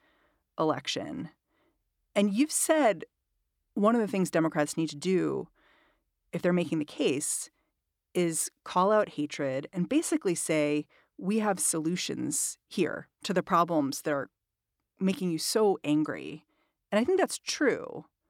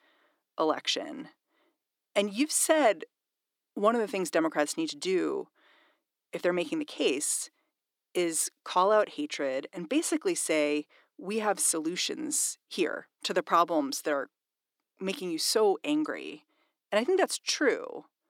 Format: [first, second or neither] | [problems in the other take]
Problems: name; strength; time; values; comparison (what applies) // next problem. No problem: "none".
first | thin; very slightly; fading below 300 Hz